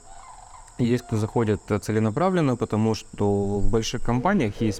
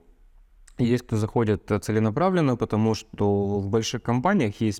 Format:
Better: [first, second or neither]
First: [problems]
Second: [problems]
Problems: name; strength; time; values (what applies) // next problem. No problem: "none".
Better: second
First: animal sounds; noticeable; throughout; 20 dB below the speech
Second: none